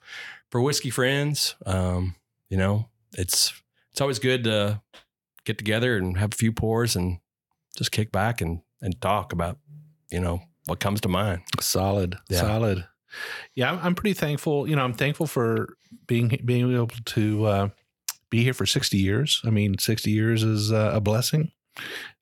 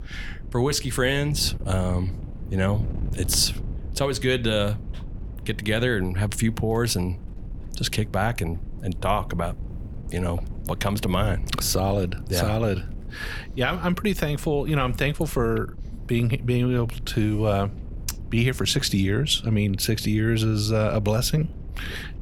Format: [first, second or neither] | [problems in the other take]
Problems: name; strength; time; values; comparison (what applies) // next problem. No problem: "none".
first | wind noise on the microphone; occasional gusts; 20 dB below the speech